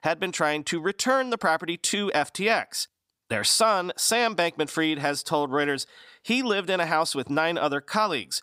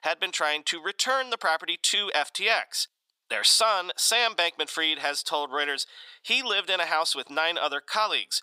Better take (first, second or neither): first